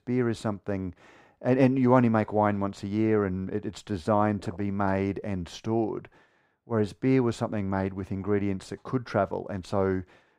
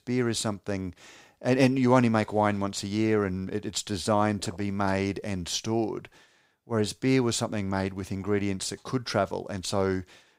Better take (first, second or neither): second